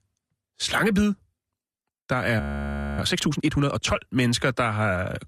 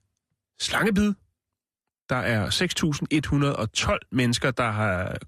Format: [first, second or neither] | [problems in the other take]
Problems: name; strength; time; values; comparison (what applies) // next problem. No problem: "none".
second | audio freezing; at 2.5 s for 0.5 s